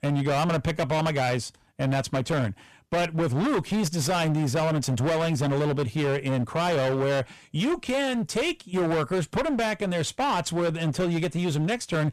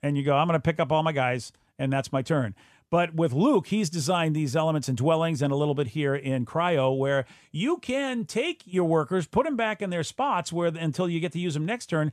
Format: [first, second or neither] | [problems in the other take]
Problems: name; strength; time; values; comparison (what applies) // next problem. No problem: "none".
second | distortion; heavy; 31% of the sound clipped